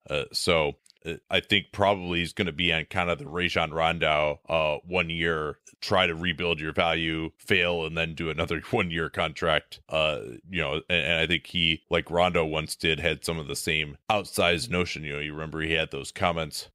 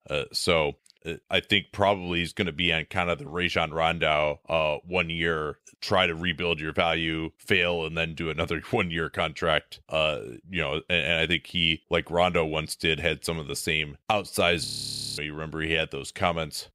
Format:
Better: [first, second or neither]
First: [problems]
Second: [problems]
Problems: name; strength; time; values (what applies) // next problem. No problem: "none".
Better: first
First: none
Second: audio freezing; at 15 s for 0.5 s